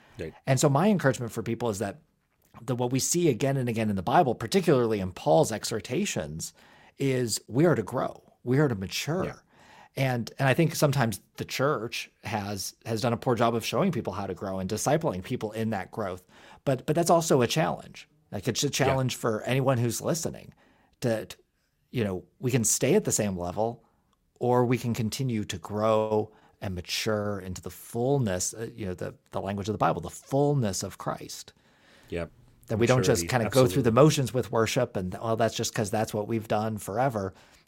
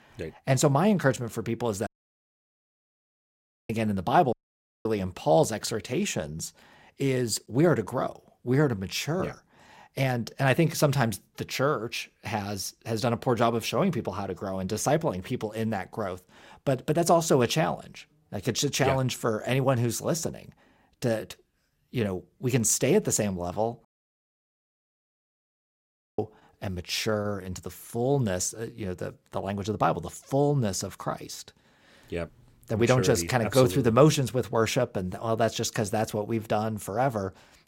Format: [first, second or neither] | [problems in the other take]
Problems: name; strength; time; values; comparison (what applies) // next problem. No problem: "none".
first | audio cutting out; at 2 s for 2 s, at 4.5 s for 0.5 s and at 24 s for 2.5 s